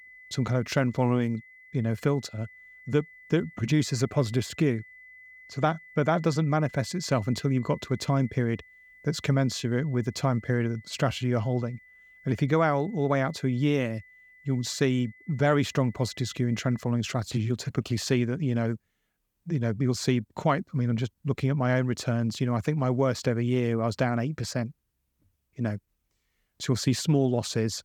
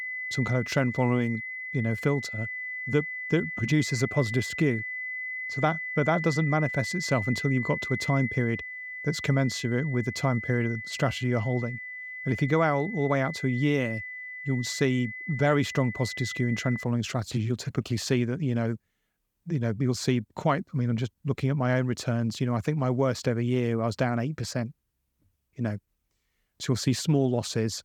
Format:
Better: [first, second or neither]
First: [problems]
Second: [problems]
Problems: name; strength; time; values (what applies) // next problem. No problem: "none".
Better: first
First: high-pitched whine; faint; until 17 s; 2 kHz, 25 dB below the speech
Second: high-pitched whine; loud; until 17 s; 2 kHz, 6 dB below the speech